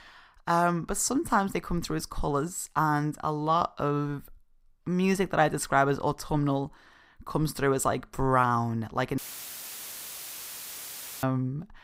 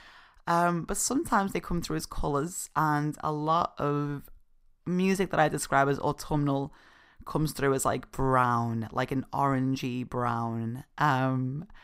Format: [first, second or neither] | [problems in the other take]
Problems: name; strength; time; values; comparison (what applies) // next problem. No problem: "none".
second | audio cutting out; filled with static; at 9 s for 2 s